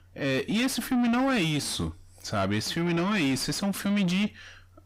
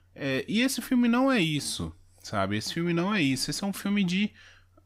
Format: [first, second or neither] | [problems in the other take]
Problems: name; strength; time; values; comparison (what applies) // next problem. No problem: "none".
second | distortion; slight; 10 dB below the speech